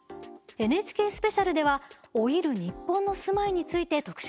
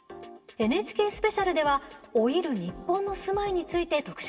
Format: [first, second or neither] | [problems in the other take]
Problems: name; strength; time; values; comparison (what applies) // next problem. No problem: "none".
first | room echo; dies away in 2.2 s